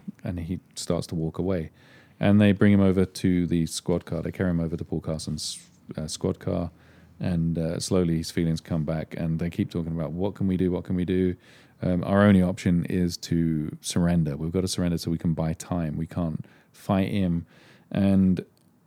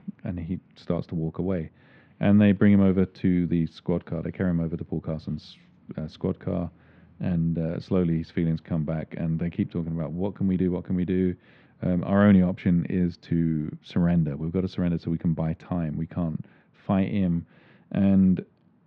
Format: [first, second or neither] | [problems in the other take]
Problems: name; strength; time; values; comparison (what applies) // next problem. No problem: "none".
first | muffled; very; fading above 3 kHz